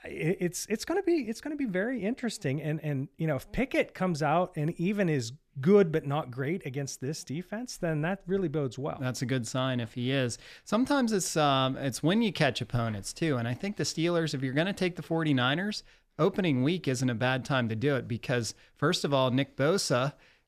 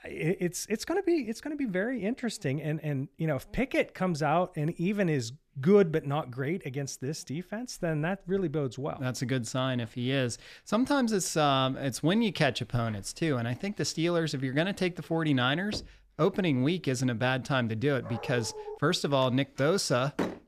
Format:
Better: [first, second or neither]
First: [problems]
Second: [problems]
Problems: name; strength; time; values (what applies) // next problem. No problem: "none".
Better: first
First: none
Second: door banging; faint; at 16 s; peak 15 dB below the speech // dog barking; faint; at 18 s; peak 10 dB below the speech // door banging; noticeable; from 19 s on; peak 5 dB below the speech